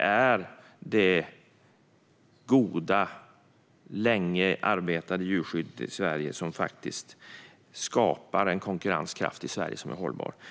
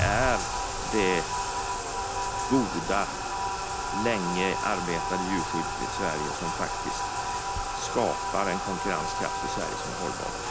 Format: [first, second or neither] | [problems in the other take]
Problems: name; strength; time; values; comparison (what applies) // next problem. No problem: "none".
first | background sound (Bathtub (filling or washing)); 1 dB above the speech